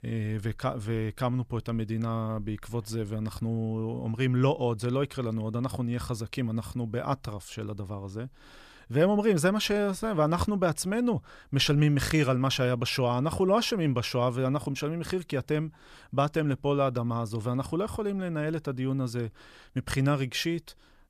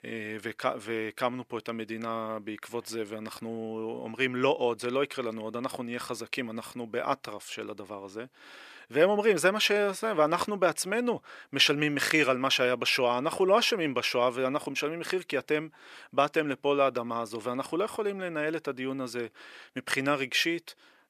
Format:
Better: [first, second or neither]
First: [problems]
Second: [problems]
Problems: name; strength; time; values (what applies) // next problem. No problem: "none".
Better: first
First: none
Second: thin; somewhat; fading below 400 Hz